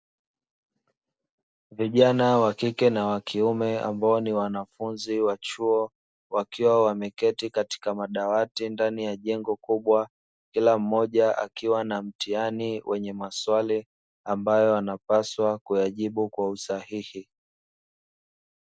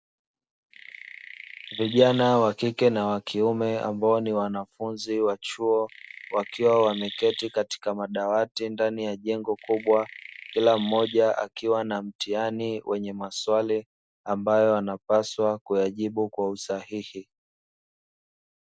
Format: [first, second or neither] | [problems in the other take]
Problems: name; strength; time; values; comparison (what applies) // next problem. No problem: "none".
first | background sound (Chirp, tweet); 14 dB below the speech